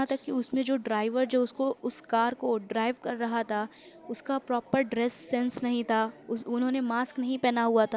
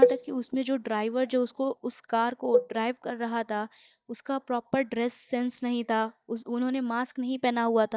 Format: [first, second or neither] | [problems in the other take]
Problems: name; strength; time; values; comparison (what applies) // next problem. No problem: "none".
first | noise reduction (neural mask model DeepFilterNet 3)